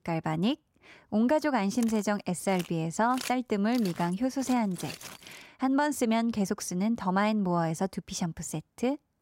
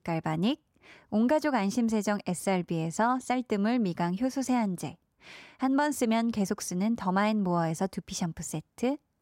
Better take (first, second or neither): second